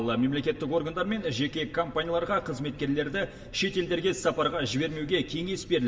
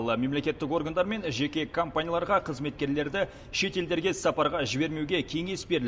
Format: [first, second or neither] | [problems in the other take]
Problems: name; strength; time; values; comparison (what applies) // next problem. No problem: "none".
second | room echo; dies away in 1.9 s